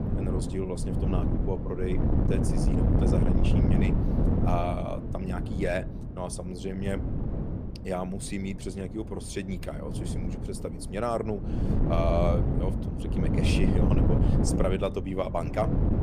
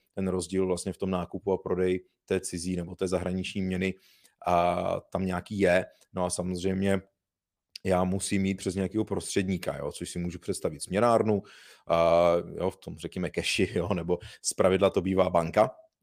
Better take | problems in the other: second | wind noise on the microphone; heavy; 2 dB below the speech

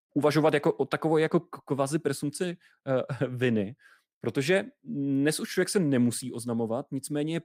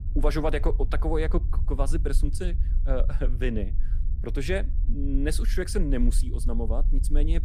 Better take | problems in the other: first | low rumble; noticeable; throughout; 15 dB below the speech

